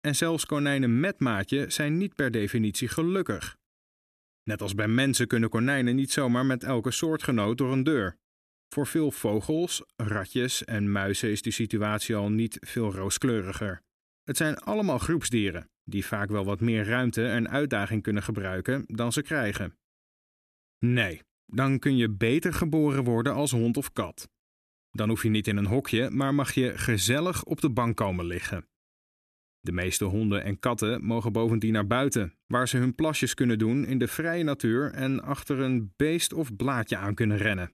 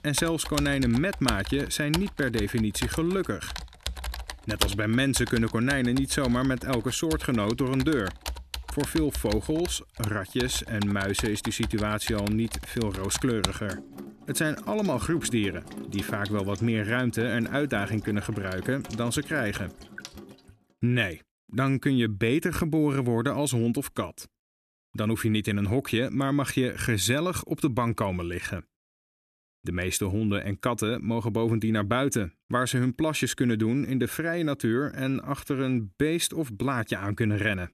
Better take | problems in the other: first | household noises; loud; until 20 s; 10 dB below the speech

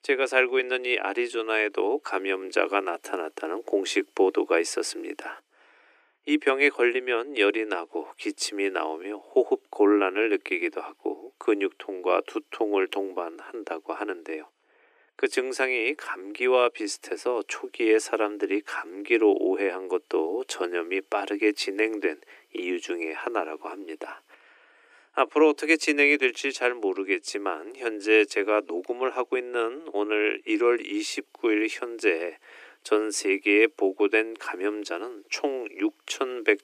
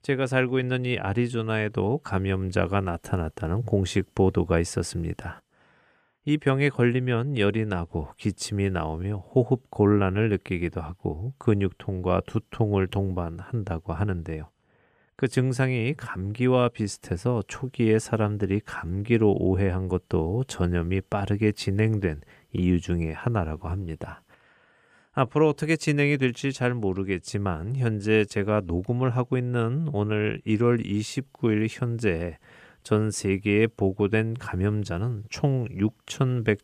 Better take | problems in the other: second | thin; very; fading below 300 Hz

